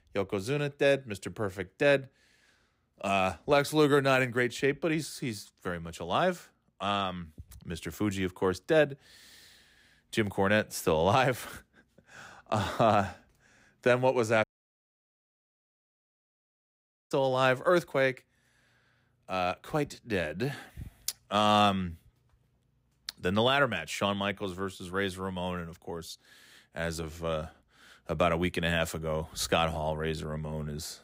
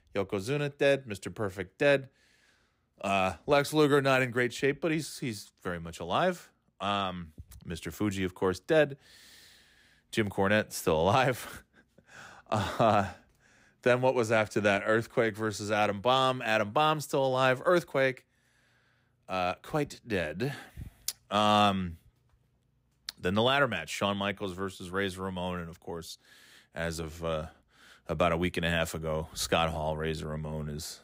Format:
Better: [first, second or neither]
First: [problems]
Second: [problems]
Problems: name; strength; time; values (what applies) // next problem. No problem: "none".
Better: second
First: audio cutting out; at 14 s for 2.5 s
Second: none